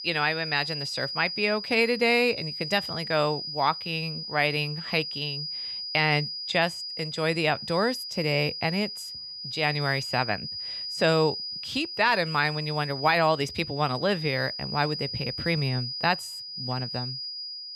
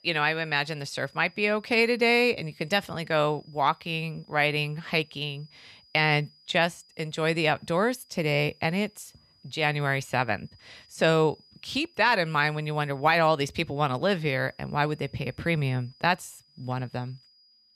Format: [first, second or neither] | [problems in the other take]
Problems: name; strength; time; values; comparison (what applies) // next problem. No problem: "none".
second | high-pitched whine; loud; throughout; 5 kHz, 6 dB below the speech; faint in the second